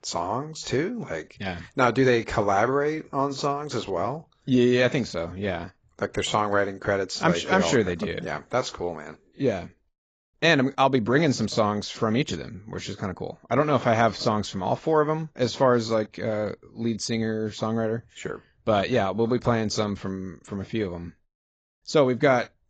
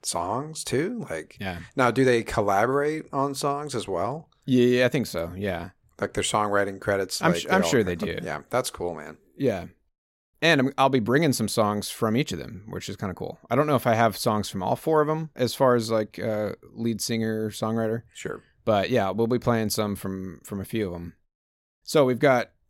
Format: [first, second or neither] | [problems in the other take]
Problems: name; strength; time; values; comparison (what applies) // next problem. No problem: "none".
second | garbled, watery; badly; nothing above 7.5 kHz